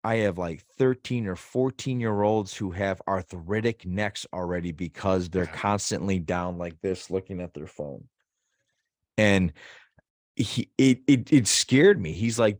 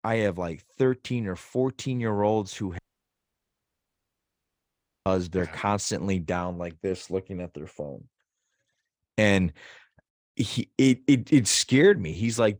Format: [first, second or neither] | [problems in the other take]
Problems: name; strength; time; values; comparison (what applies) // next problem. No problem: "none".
first | audio cutting out; at 3 s for 2.5 s